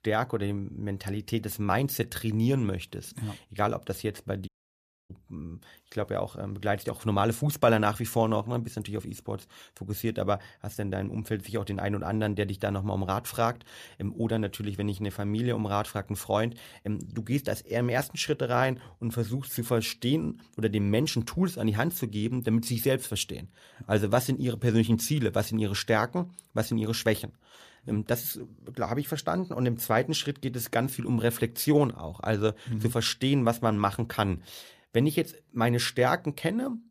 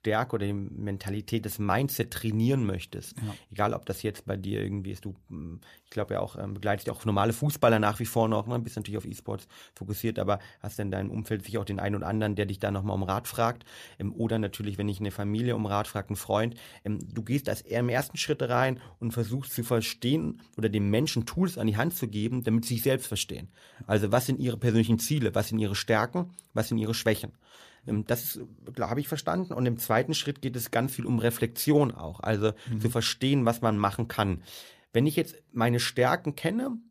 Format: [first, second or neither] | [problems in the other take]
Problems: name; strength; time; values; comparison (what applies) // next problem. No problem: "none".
second | audio cutting out; at 4.5 s for 0.5 s